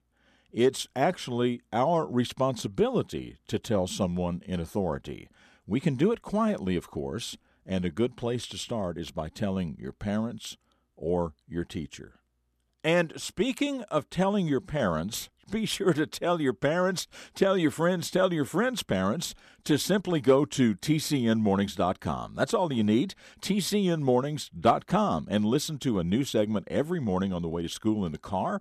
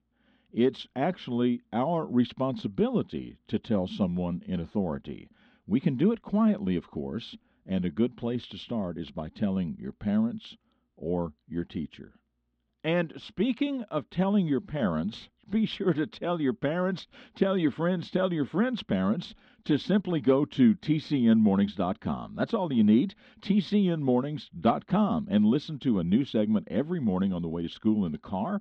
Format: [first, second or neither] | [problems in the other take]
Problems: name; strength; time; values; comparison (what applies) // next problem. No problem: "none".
first | muffled; slightly; fading above 3.5 kHz